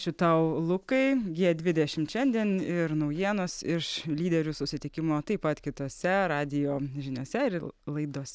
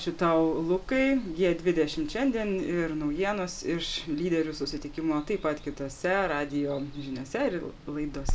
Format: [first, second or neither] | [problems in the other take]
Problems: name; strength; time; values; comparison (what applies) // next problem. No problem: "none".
first | background sound (Water); 12 dB below the speech // room echo; dies away in 0.3 s